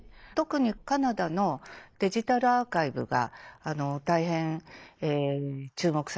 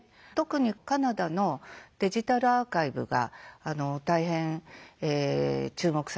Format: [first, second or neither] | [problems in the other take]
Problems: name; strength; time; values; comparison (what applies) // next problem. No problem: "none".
second | noise reduction (neural mask model Resemble Enhance denoiser)